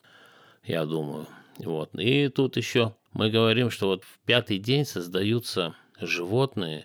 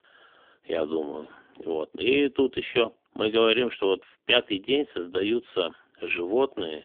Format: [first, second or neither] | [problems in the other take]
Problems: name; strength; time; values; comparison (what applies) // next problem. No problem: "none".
first | phone-call audio; poor line; nothing above 3.5 kHz